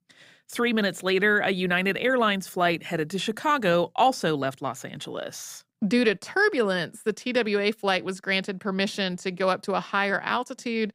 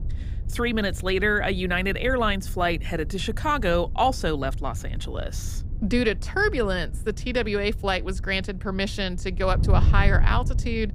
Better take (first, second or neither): first